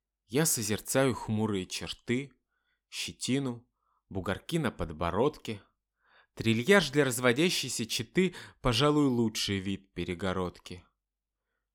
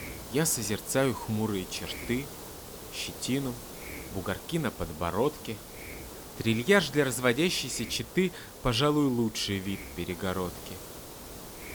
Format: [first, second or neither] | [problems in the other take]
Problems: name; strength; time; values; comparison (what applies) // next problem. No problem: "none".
first | hiss; noticeable; throughout; 15 dB below the speech